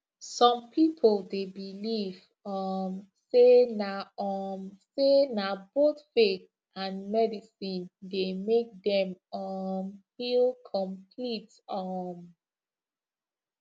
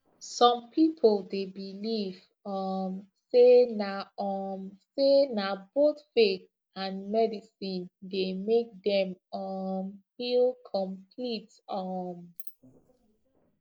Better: first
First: none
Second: noise reduction (neural mask model Resemble Enhance denoiser)

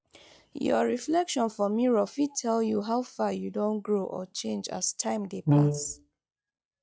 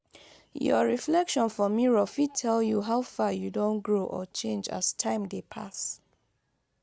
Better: second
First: noise reduction (classical method log-MMSE)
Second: none

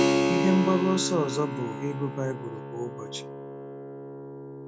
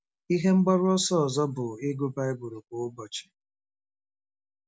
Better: second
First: background sound (Keyboard (musical)); as loud as the speech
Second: none

